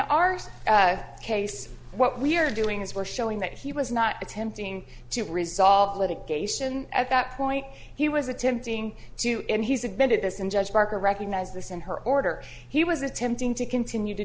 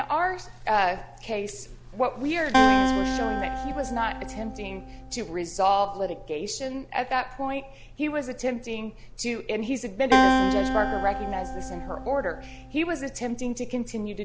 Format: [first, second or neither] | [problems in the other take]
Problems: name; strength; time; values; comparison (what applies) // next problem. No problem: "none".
first | background sound (Acoustic guitar); 2 dB above the speech